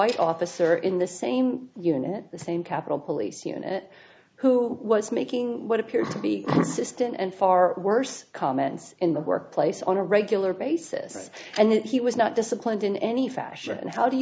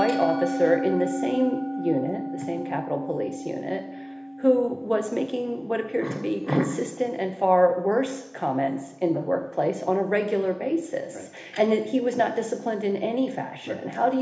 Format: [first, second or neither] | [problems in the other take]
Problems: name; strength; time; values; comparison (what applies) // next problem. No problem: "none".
first | background sound (Musical instrument); 10 dB below the speech // room echo; dies away in 1.1 s